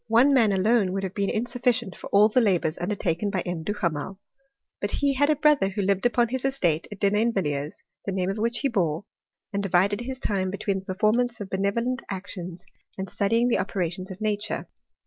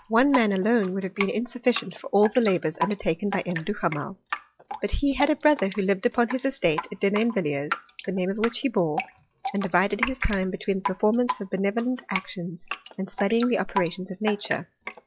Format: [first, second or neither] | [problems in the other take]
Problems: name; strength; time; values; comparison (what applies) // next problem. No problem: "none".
first | noise reduction (classical method log-MMSE)